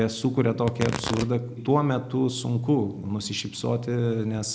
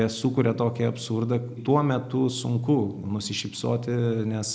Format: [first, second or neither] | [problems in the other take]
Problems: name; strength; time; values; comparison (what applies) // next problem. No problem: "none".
second | background sound (Tearing); 14 dB below the speech